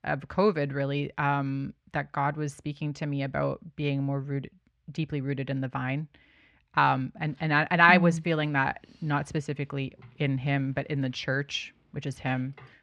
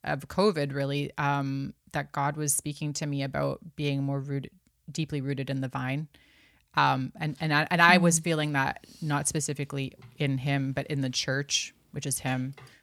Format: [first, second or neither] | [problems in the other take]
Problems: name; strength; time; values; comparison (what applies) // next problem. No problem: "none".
second | muffled; slightly; fading above 2.5 kHz